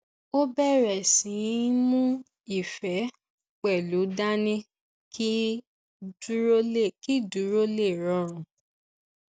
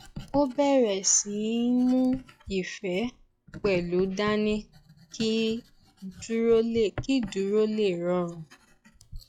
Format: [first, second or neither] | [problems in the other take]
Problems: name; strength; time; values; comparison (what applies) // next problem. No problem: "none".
first | noise reduction (classical method log-MMSE)